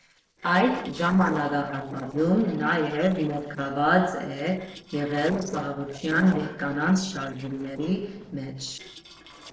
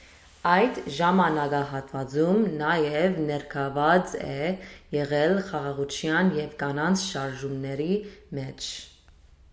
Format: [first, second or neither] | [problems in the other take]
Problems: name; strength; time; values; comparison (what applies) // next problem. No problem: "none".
second | noise reduction (neural separator model SepFormer DNS4)